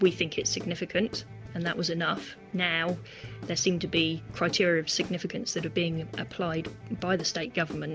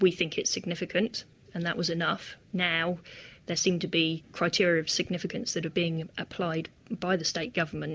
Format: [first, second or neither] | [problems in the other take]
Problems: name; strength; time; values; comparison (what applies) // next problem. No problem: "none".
second | background sound (Guitar / Drum); 14 dB below the speech